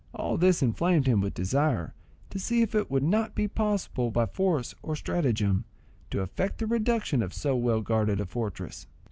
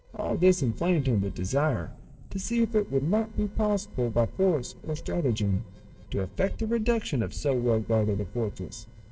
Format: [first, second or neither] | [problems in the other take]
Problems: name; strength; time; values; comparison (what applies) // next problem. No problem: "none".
first | noise reduction (neural separator model SepFormer DNS4)